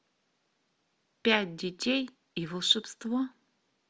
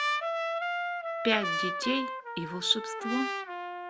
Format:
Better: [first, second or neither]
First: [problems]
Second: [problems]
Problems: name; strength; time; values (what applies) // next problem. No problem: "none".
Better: first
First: none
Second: background sound (Trumpet); 1 dB above the speech